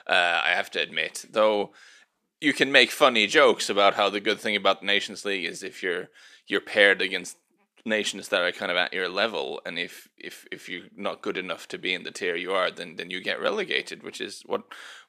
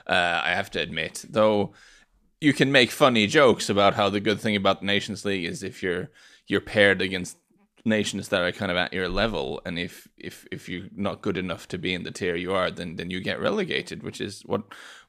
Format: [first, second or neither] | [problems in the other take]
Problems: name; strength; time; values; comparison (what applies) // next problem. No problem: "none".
second | thin; somewhat; fading below 350 Hz